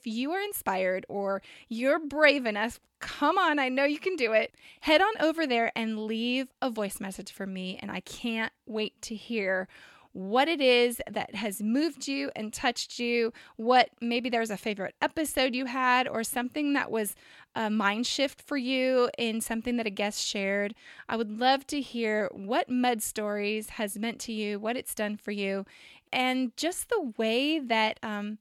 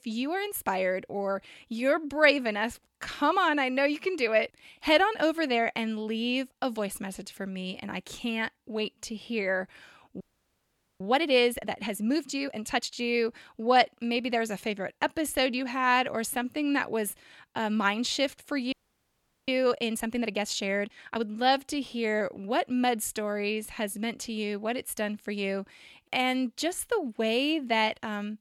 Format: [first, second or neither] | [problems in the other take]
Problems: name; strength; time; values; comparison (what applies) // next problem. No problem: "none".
first | audio freezing; at 10 s for 1 s and at 19 s for 1 s